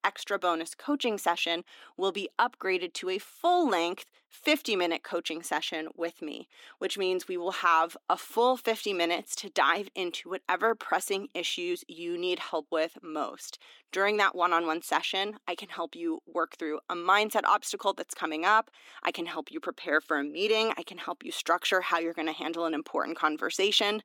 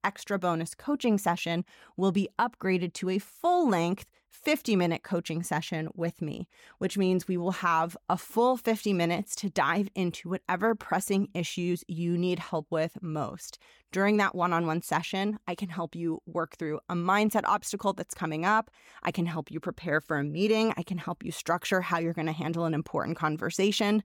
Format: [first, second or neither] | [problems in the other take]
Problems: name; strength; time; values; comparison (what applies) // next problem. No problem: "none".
second | thin; somewhat; fading below 300 Hz